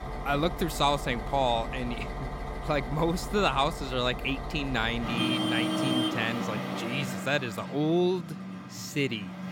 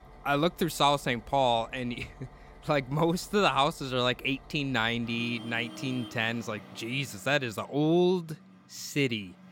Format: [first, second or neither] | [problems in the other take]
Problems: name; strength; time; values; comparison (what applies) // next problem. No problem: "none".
second | traffic noise; loud; throughout; 5 dB below the speech; faint in the second